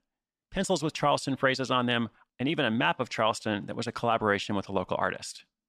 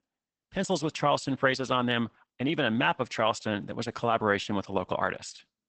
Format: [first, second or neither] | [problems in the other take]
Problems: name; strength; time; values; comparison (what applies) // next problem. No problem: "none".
first | garbled, watery; badly; nothing above 8 kHz